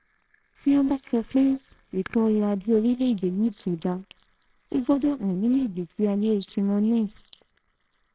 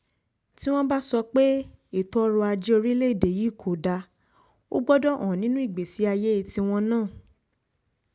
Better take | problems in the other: second | noise reduction (neural separator model SepFormer WHAMR!)

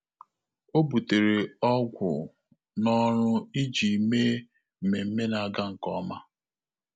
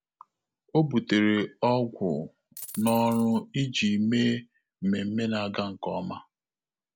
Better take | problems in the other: first | background sound (Coin (dropping)); 14 dB below the speech

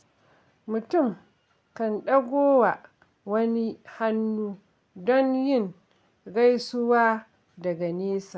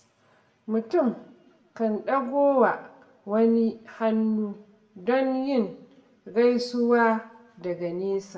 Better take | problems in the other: first | room echo; dies away in 0.5 s

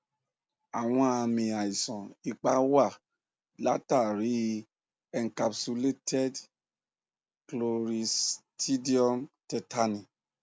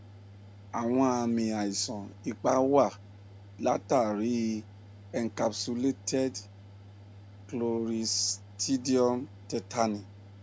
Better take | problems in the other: first | background sound (Mechanical fan); 18 dB below the speech

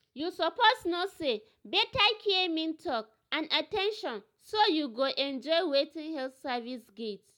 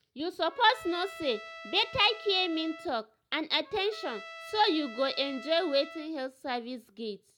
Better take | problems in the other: first | background sound (Trumpet); 15 dB below the speech

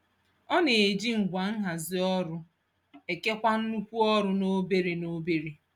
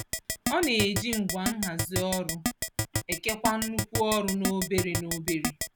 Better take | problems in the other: first | background sound (Keyboard (musical)); 2 dB below the speech

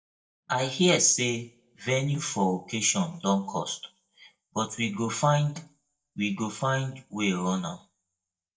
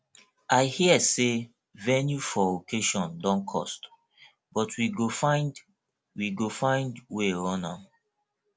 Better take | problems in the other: second | noise reduction (neural mask model DeepFilterNet 3)

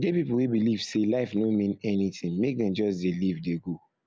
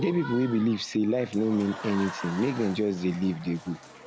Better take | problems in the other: first | background sound (Applause / Crowd); 14 dB below the speech

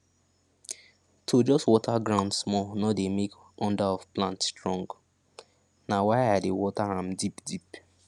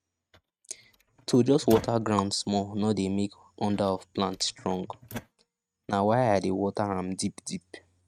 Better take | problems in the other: first | noise reduction (neural mask model RNNoise)

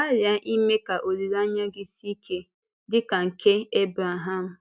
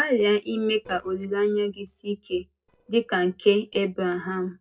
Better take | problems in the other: first | noise reduction (neural separator model SepFormer DNS4)

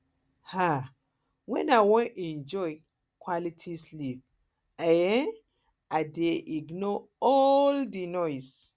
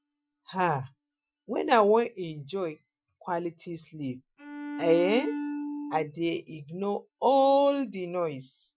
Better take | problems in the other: first | noise reduction (classical method Wiener filter)

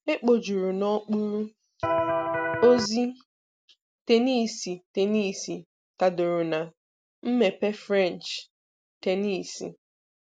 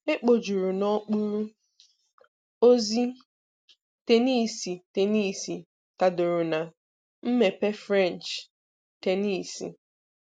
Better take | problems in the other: second | background sound (Electric guitar); 1 dB above the speech

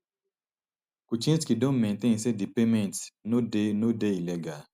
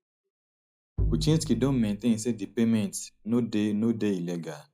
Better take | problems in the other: first | noise reduction (classical method log-MMSE)

